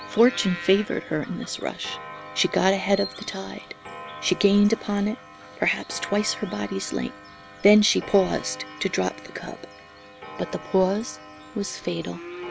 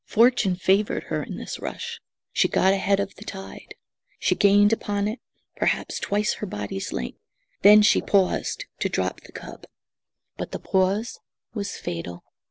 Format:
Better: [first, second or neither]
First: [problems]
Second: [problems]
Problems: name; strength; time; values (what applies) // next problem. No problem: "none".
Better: second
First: background sound (Bird vocalization, bird call, bird song + Clock); 15 dB below the speech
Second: none